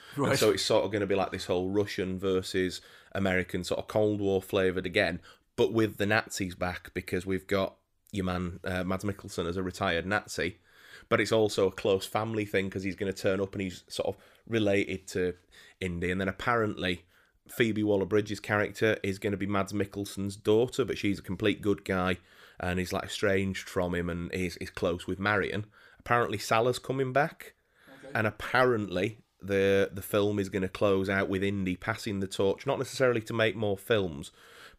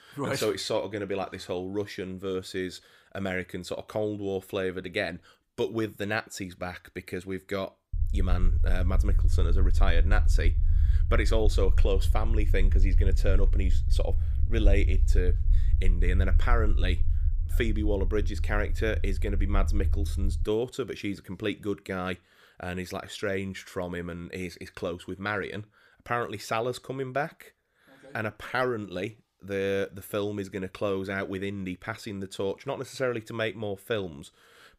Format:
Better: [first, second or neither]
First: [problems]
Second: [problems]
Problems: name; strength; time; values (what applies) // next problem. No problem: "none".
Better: first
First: none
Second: low rumble; noticeable; from 8 to 20 s; 15 dB below the speech